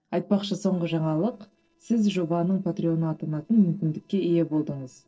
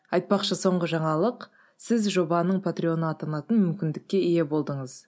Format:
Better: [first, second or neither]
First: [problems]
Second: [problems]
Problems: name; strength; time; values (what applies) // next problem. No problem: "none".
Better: second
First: noise reduction (neural separator model SepFormer DNS4)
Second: none